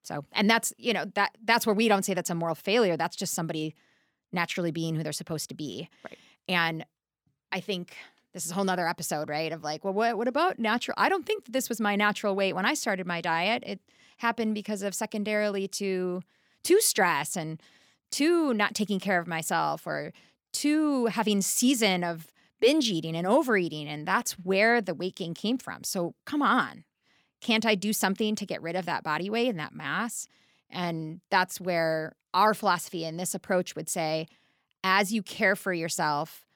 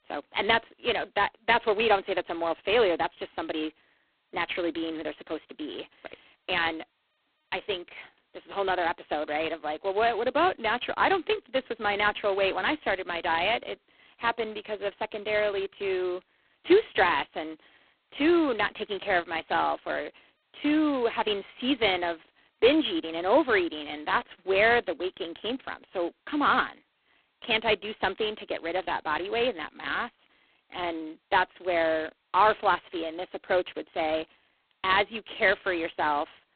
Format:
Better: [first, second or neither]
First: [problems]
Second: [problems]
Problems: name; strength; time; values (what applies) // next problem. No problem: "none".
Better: first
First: none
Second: phone-call audio; poor line; nothing above 4 kHz